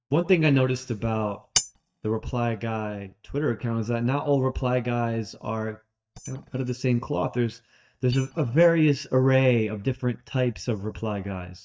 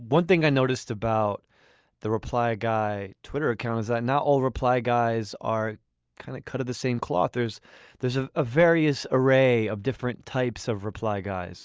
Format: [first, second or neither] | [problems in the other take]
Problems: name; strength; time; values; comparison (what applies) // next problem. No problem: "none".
second | noise reduction (neural mask model DeepFilterNet 3)